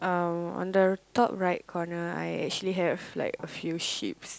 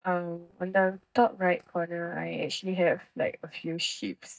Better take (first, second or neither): first